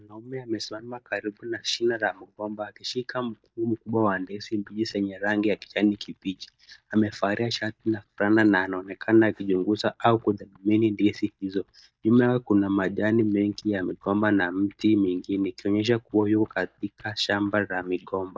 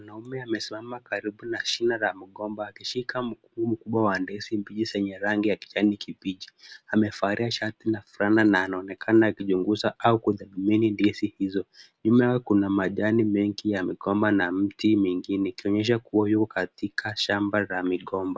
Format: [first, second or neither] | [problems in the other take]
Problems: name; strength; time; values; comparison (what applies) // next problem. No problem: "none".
second | noise reduction (neural mask model DeepFilterNet 3)